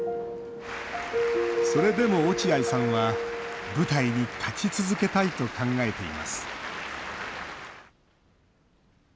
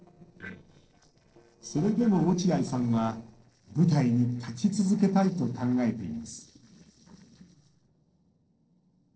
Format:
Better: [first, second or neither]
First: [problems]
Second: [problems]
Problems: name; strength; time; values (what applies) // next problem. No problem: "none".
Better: first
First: none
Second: noise reduction (neural separator model SepFormer DNS4)